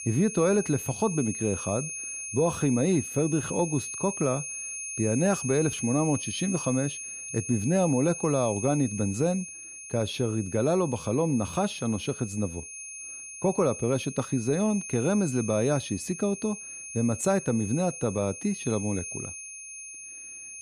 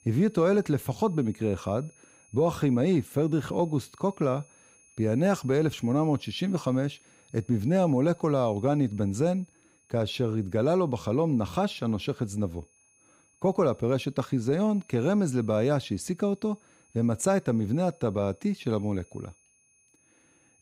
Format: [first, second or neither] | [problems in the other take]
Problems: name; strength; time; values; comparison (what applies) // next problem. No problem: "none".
second | high-pitched whine; loud; throughout; 6.5 kHz, 8 dB below the speech; faint in the second